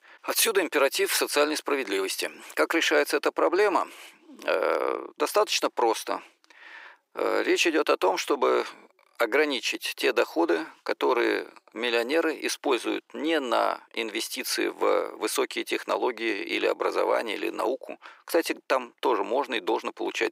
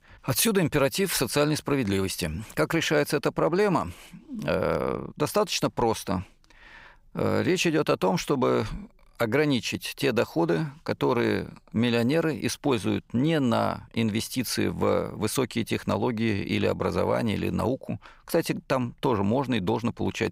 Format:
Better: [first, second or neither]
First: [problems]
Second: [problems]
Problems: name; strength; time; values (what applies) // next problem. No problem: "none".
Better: second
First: thin; very; fading below 350 Hz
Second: none